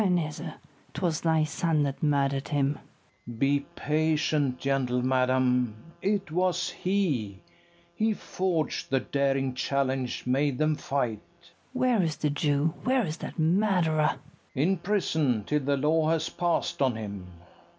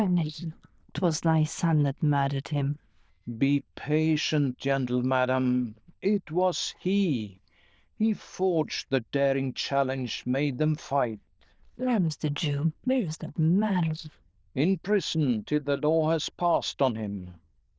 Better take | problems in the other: first | noise reduction (neural diffusion model UNIVERSE++)

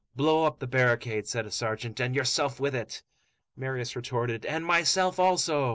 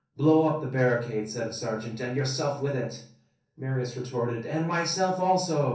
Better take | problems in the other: first | room echo; dies away in 0.6 s

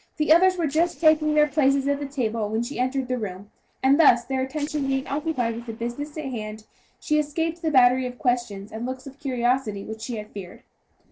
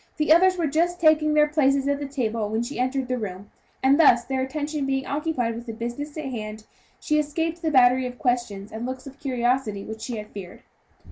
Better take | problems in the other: second | noise reduction (neural separator model SepFormer DNS4)

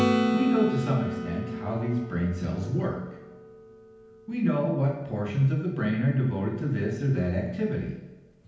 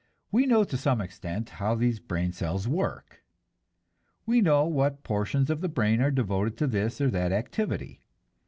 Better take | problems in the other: second | background sound (Acoustic guitar / Strum); 6 dB below the speech // room echo; dies away in 0.9 s

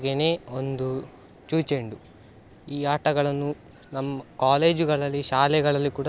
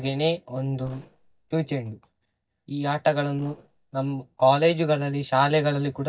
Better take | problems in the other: first | noise reduction (neural mask model DeepFilterNet 3)

